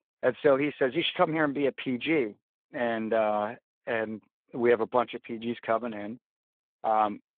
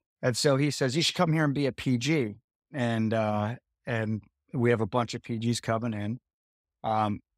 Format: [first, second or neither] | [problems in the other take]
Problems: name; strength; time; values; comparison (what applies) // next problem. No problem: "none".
second | phone-call audio; nothing above 3.5 kHz